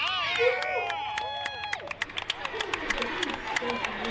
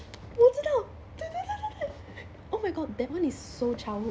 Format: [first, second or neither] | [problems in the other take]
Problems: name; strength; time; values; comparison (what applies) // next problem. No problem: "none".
second | background sound (Cheering / Clapping); 5 dB above the speech // room echo; dies away in 0.6 s